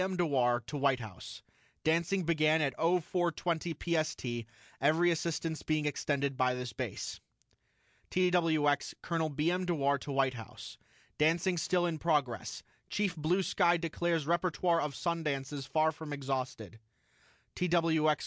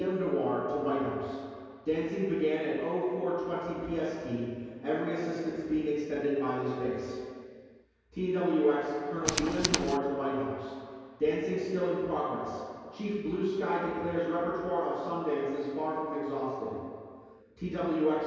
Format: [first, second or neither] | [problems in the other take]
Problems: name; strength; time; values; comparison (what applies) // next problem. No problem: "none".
first | background sound (Tools); as loud as the speech // room echo; dies away in 2.2 s